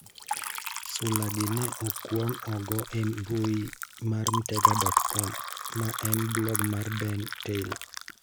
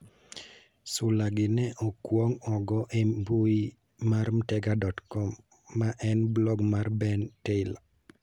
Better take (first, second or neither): second